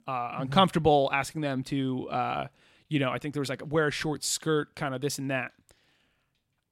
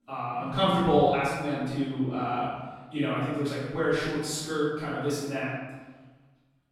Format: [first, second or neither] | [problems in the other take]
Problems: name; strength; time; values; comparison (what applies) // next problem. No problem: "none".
first | off-mic speech; far // room echo; strong; dies away in 1.2 s